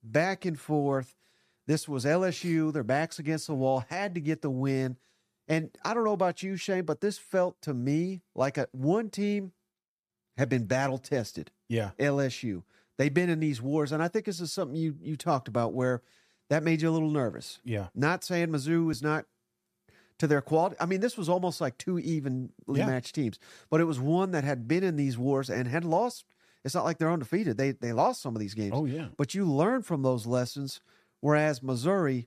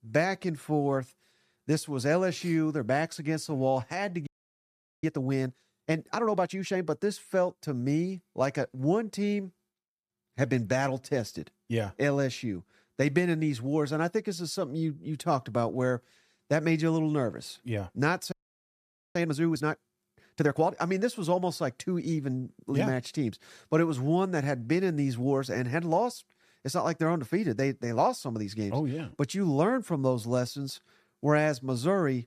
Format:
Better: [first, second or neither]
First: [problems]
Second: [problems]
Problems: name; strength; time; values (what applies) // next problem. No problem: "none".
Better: first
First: none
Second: audio freezing; at 4.5 s for 1 s and at 18 s for 1 s